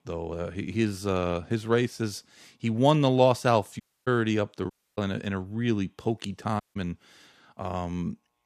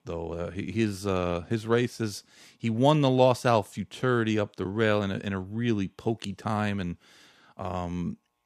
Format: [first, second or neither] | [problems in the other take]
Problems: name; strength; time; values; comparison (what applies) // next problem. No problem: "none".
second | audio cutting out; at 4 s, at 4.5 s and at 6.5 s